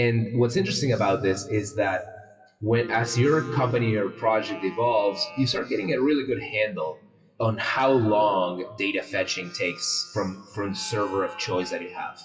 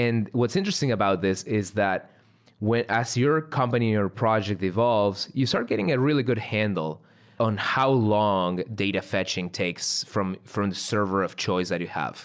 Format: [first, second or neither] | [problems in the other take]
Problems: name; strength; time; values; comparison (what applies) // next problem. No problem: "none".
second | noise reduction (classical method WPE with log-MMSE)